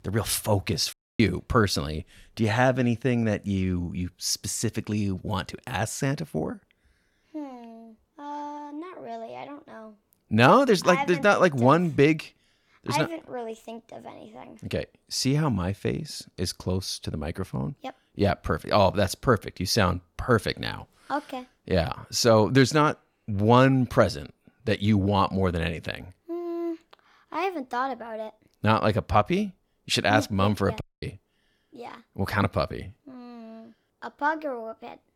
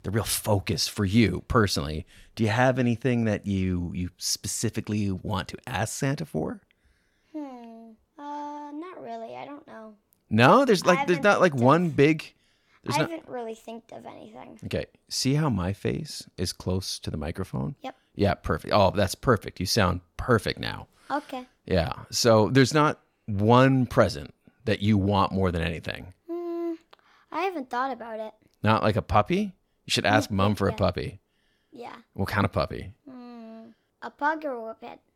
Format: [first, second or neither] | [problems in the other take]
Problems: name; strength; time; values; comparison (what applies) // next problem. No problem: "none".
second | audio cutting out; at 1 s and at 31 s